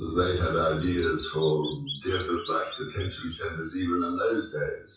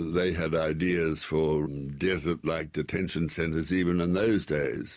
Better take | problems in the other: second | noise reduction (classical method WPE with log-MMSE)

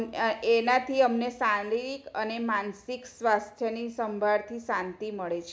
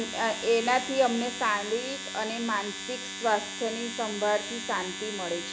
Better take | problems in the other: first | background sound (Domestic sounds, home sounds); 7 dB below the speech

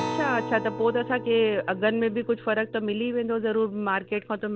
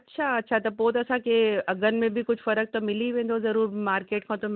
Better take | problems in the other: second | background sound (Acoustic guitar); 11 dB below the speech

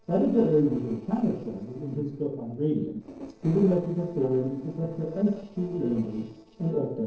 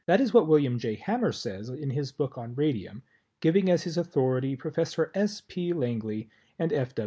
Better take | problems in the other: second | noise reduction (neural separator model SepFormer DNS4)

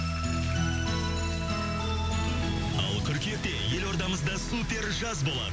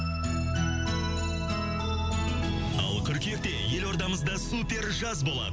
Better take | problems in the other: second | background sound (Bathtub (filling or washing)); 15 dB below the speech

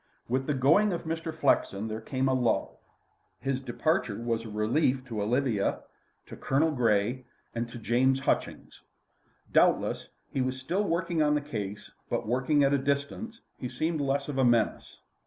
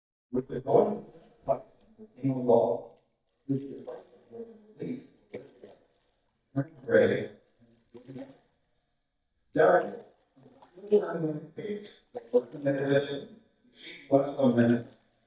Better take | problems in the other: first | noise reduction (neural mask model DeepFilterNet 3)

